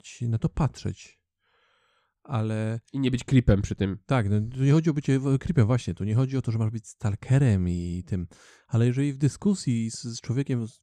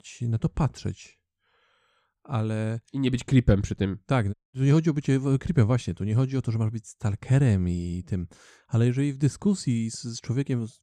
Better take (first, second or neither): first